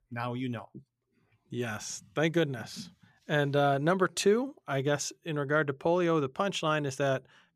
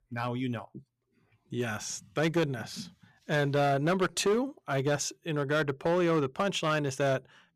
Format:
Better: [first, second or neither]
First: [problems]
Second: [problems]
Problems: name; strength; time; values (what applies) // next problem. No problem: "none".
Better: first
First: none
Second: distortion; slight; 5% of the sound clipped